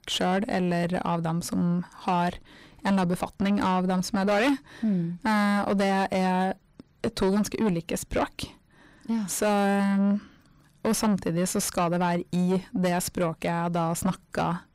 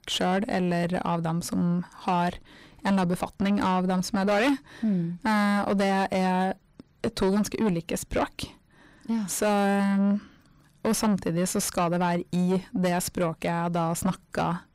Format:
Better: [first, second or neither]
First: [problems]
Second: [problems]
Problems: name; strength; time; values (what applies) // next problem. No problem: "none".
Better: neither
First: distortion; heavy; 7 dB below the speech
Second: distortion; heavy; 7 dB below the speech